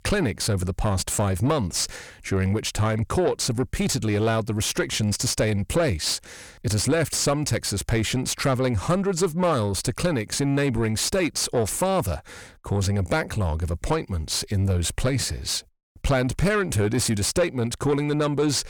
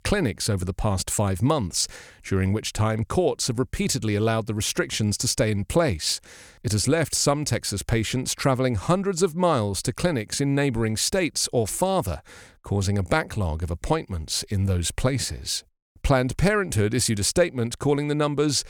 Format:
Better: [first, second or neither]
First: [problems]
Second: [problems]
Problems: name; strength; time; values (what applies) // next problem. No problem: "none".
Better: second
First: distortion; slight; 10 dB below the speech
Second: none